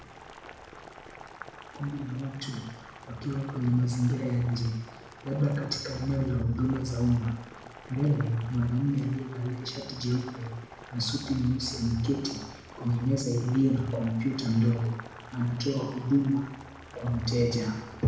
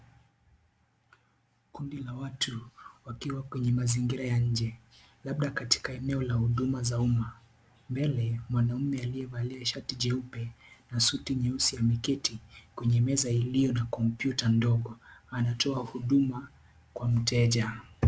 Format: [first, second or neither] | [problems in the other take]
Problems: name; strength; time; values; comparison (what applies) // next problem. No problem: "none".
second | background sound (Boiling); 18 dB below the speech // room echo; dies away in 1 s